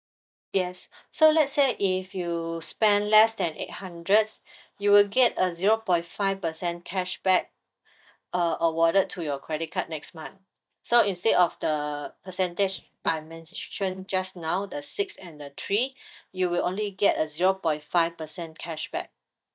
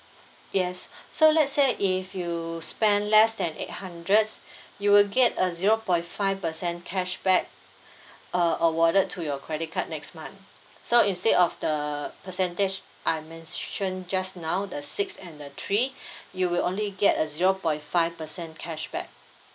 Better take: second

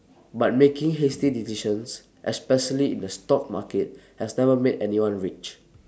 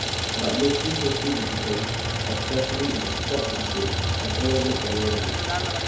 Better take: first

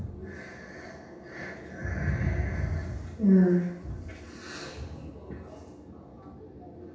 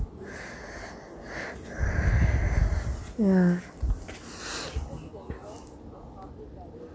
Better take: second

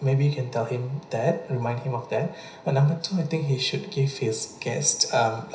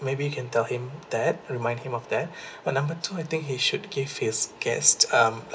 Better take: second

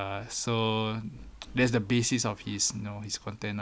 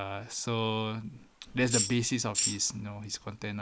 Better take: first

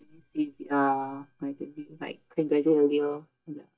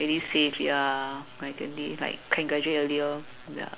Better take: second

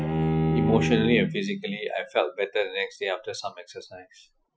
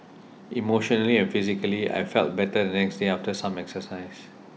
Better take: second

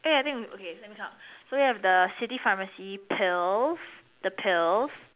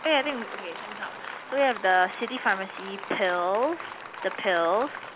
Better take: first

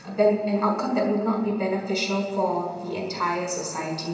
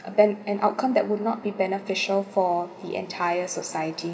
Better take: second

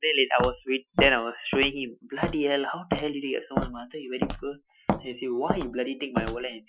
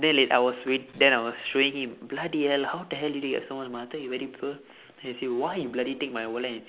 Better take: second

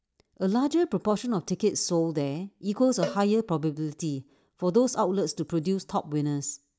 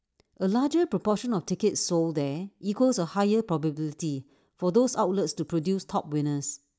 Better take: second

